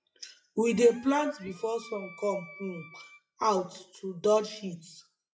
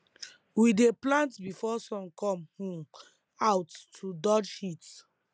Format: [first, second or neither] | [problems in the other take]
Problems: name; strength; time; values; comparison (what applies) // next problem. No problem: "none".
second | noise reduction (classical method WPE with log-MMSE)